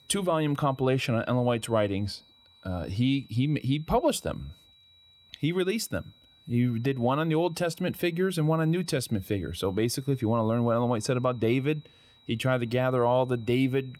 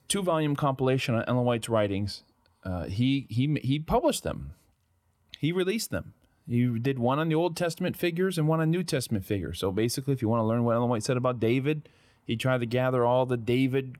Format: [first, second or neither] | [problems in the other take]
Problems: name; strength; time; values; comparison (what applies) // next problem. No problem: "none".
second | high-pitched whine; faint; throughout; 4 kHz, 30 dB below the speech